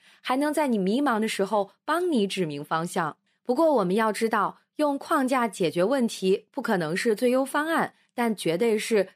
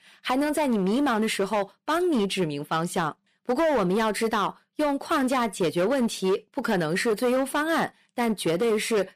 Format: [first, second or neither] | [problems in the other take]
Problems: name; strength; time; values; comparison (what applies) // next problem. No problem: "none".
first | distortion; slight; 14% of the sound clipped